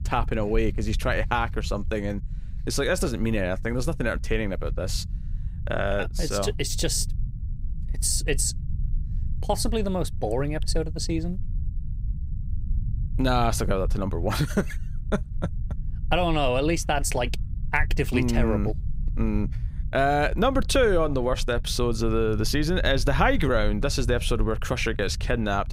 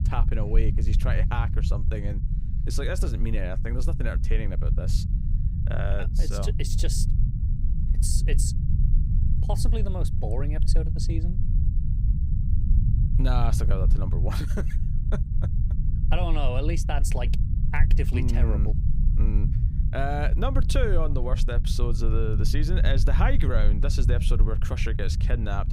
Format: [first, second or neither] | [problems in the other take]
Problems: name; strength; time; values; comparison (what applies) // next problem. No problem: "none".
first | low rumble; loud; throughout; 8 dB below the speech; faint in the first